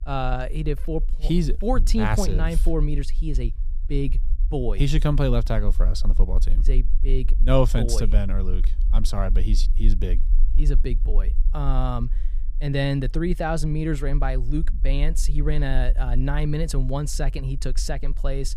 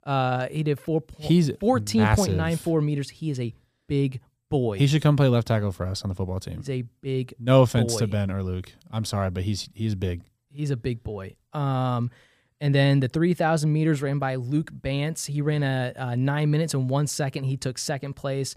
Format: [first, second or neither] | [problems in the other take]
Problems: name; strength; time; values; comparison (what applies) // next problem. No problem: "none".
second | low rumble; faint; throughout; 20 dB below the speech